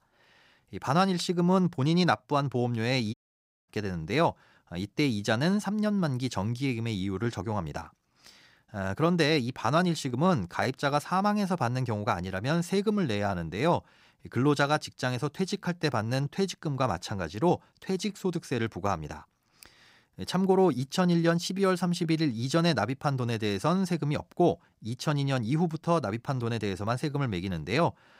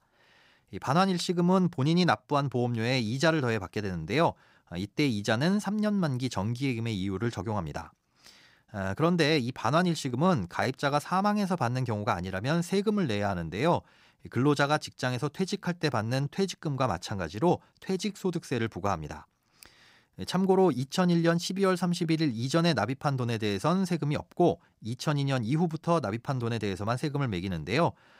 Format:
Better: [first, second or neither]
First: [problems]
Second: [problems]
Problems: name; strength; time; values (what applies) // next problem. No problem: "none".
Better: second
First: audio cutting out; at 3 s for 0.5 s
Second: none